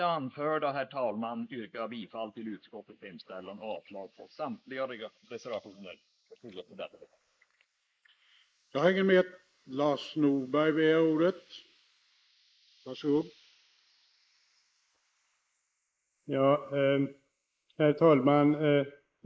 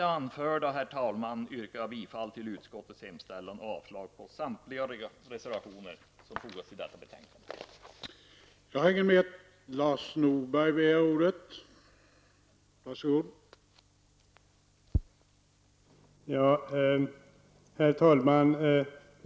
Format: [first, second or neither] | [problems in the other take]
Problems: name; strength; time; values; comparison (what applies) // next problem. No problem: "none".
second | noise reduction (neural mask model Resemble Enhance denoiser)